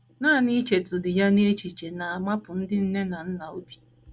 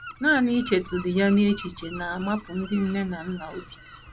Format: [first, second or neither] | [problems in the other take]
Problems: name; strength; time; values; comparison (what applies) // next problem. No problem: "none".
first | background sound (Gull, seagull); 17 dB below the speech